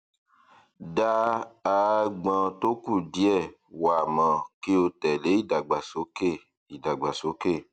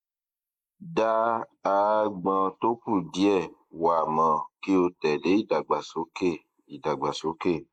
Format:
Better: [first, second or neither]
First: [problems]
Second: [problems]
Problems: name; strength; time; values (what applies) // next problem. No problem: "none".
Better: first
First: none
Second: noise reduction (neural mask model Resemble Enhance denoiser)